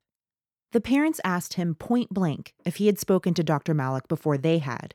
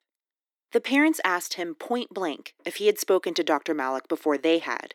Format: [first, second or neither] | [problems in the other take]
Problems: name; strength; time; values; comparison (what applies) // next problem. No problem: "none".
first | thin; somewhat; fading below 300 Hz